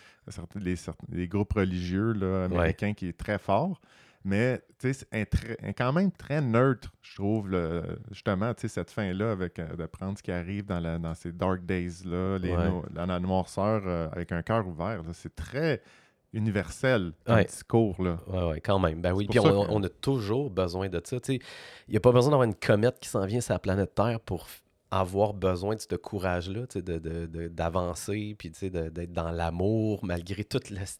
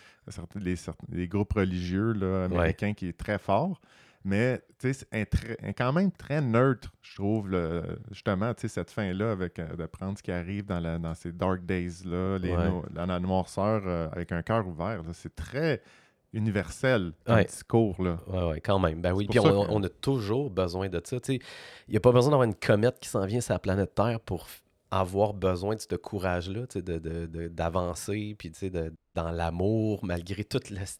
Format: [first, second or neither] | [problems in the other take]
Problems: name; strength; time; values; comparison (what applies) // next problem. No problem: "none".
first | audio cutting out; at 29 s